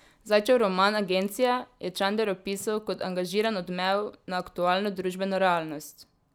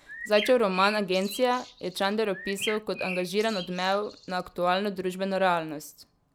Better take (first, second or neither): first